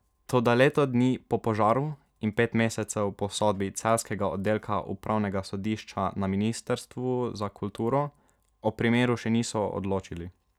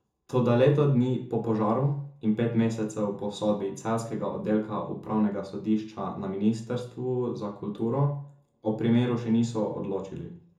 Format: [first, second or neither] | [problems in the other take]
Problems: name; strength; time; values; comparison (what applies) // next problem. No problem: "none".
first | room echo; dies away in 0.6 s